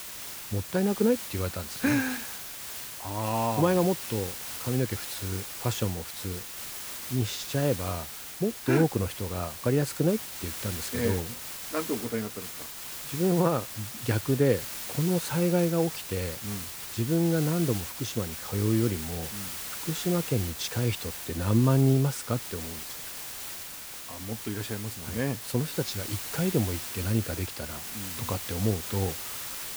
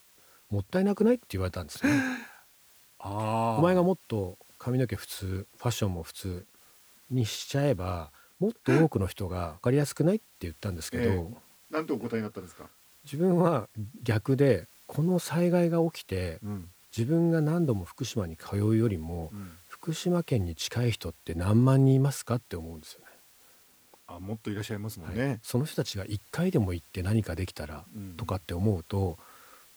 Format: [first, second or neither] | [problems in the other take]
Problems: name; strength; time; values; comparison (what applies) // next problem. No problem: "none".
second | hiss; loud; throughout; 7 dB below the speech; faint in the second